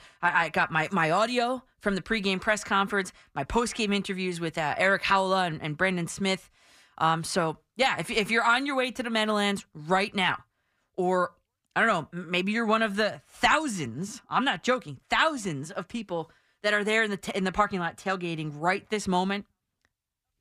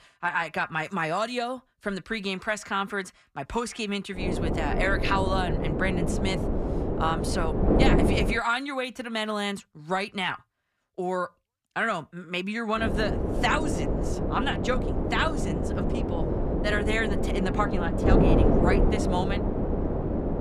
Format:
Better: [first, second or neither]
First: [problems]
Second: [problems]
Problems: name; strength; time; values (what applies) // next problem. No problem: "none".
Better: first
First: none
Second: wind noise on the microphone; heavy; from 4 to 8.5 s and from 13 s on; 2 dB below the speech